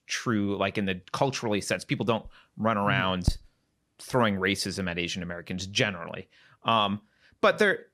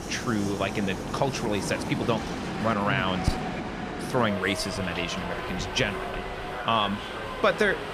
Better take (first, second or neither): first